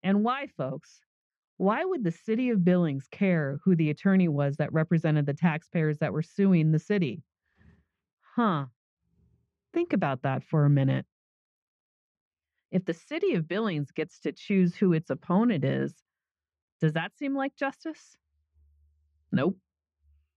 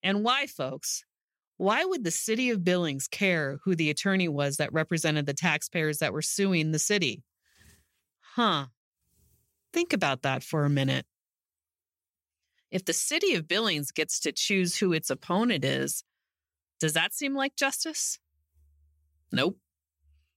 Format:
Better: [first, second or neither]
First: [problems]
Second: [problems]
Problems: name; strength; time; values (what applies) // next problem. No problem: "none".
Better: second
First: muffled; very; fading above 1.5 kHz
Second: none